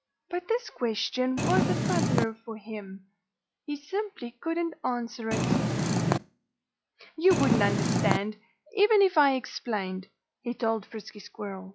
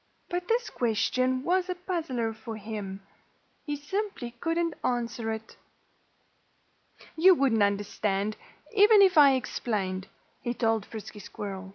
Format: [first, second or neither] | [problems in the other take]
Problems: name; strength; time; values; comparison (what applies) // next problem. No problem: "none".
second | noise reduction (classical method log-MMSE)